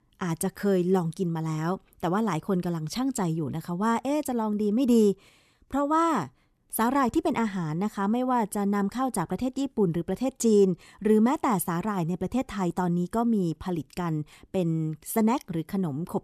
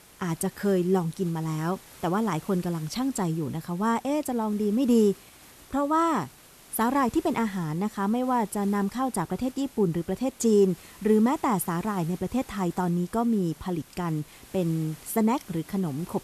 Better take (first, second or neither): first